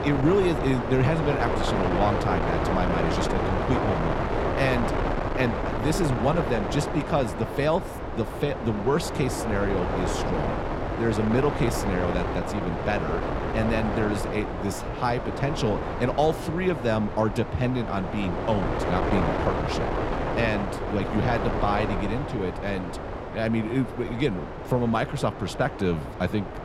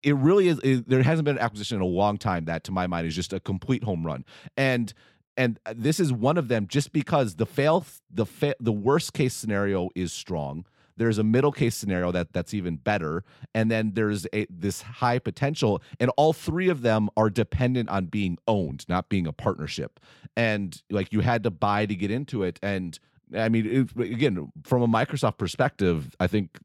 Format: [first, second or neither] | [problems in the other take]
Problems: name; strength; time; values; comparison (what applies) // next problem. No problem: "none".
second | wind noise on the microphone; heavy; 1 dB below the speech